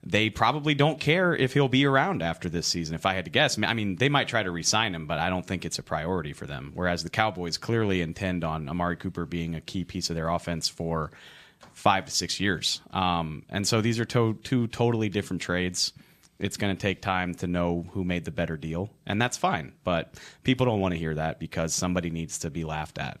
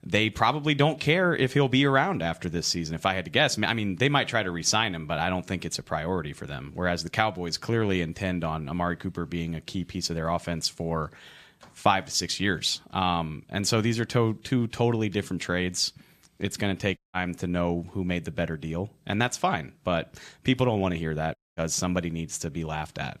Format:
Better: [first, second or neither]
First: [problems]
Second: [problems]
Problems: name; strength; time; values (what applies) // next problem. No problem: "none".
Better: first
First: none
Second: audio cutting out; at 17 s and at 21 s